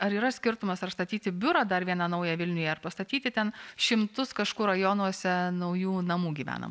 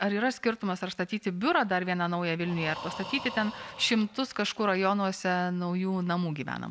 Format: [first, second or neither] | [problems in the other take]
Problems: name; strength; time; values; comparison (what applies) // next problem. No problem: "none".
first | background sound (Breathing); 15 dB below the speech